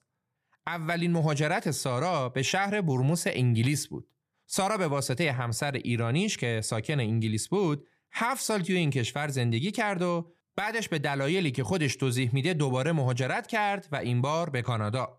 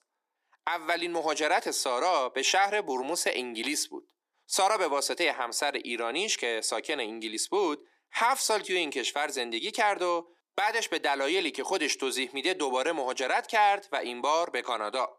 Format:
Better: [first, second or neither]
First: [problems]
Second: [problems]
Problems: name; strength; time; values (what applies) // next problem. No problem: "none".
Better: first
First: none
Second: thin; very; fading below 300 Hz